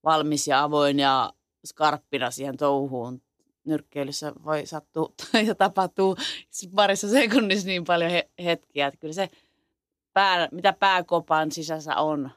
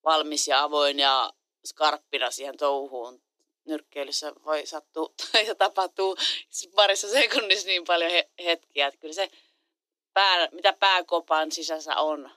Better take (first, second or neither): first